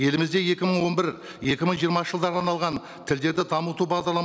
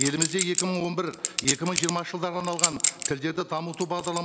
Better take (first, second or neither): first